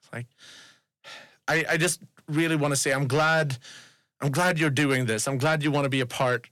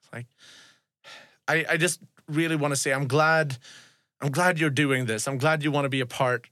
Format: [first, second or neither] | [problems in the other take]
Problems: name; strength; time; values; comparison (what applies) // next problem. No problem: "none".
second | distortion; slight; 10 dB below the speech